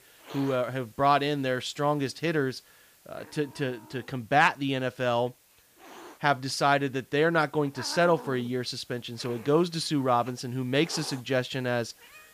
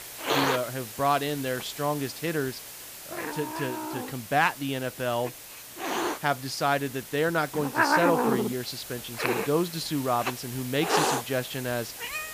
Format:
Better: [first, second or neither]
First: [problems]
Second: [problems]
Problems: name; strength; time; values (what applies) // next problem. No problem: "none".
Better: first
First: hiss; faint; throughout; 20 dB below the speech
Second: hiss; loud; throughout; 2 dB below the speech